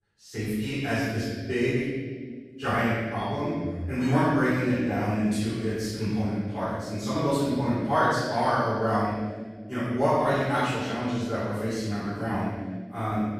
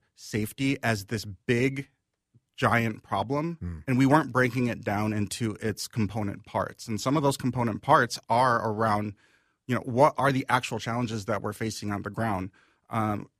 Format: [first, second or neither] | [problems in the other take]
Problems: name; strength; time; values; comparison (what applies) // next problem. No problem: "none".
second | room echo; strong; dies away in 1.6 s // off-mic speech; far